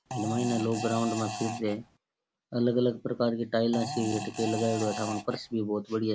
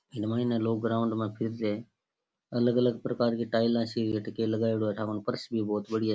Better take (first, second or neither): second